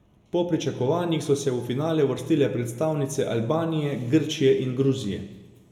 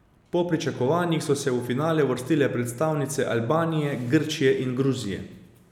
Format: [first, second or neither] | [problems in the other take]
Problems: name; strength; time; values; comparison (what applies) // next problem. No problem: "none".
second | room echo; dies away in 0.9 s